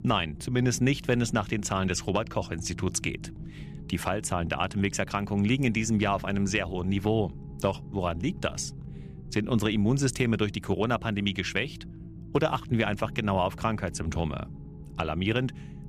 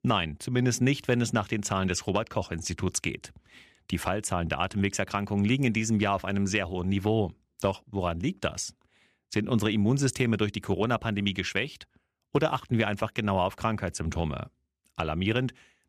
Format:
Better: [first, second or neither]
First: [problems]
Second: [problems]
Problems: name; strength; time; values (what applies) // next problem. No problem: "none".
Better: second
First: low rumble; faint; throughout; 20 dB below the speech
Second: none